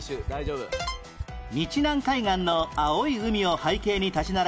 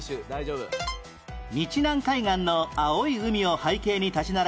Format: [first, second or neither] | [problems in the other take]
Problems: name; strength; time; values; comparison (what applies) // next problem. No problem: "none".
second | background sound (Fill (with liquid)); 15 dB below the speech